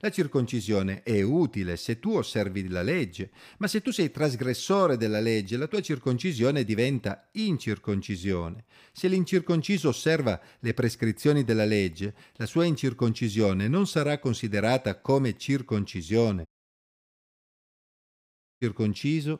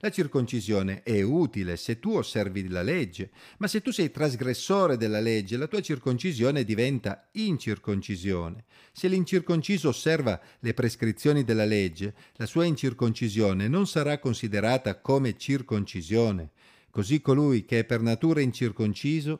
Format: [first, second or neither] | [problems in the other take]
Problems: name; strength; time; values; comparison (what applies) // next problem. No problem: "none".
second | audio cutting out; at 16 s for 2 s